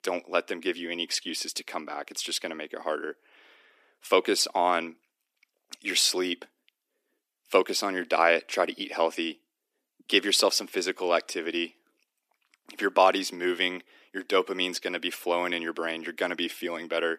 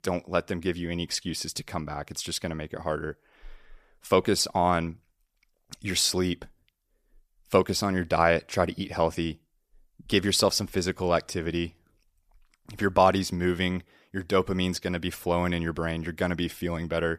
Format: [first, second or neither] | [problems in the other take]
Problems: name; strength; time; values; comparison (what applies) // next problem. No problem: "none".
second | thin; somewhat; fading below 250 Hz